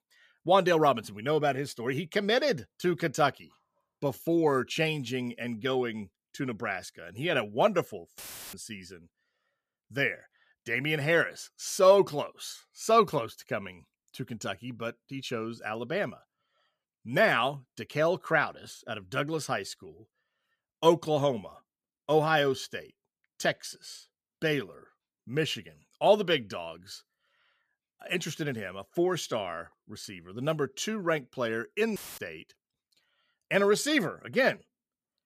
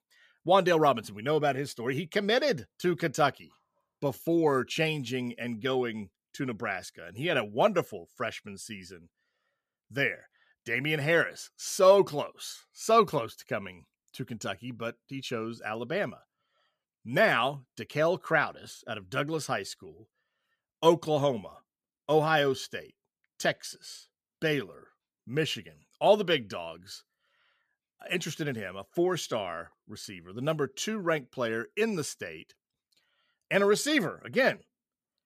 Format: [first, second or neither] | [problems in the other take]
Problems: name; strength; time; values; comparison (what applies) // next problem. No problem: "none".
second | audio cutting out; filled with static; at 8 s and at 32 s